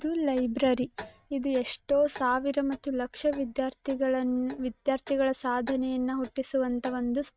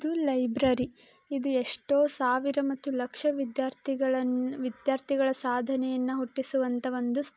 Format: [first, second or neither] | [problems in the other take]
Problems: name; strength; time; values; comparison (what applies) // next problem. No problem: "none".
second | noise reduction (neural mask model RNNoise)